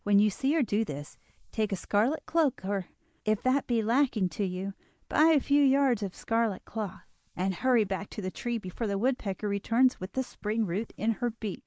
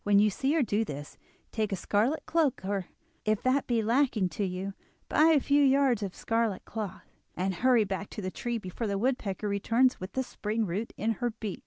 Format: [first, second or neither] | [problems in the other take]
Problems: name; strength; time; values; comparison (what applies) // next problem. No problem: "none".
second | noise reduction (neural mask model Resemble Enhance denoiser)